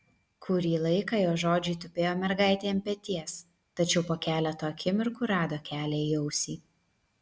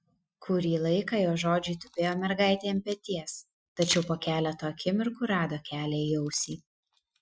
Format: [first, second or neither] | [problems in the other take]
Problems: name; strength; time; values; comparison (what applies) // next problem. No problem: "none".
first | noise reduction (classical method Wiener filter)